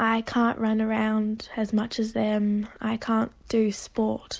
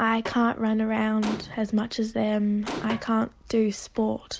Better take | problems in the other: first | background sound (Snare drum + Gunshot, gunfire); 14 dB below the speech

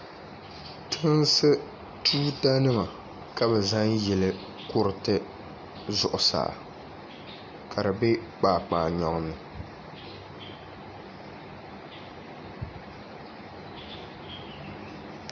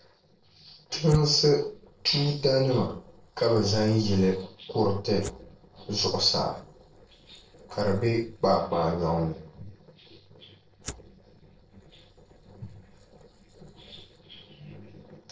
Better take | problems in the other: first | noise reduction (neural separator model SepFormer DNS4)

